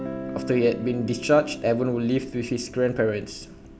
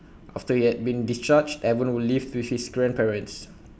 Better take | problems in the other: second | background sound (Guitar); 12 dB below the speech

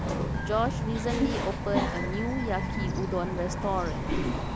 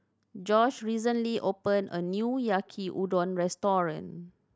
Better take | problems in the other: second | background sound (Bird vocalization, bird call, bird song); 2 dB above the speech

